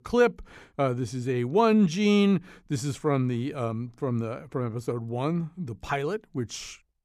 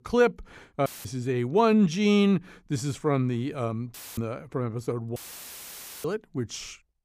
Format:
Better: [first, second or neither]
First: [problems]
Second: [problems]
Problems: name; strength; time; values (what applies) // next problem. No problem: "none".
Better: first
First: none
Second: audio cutting out; filled with static; at 1 s, at 4 s and at 5 s for 1 s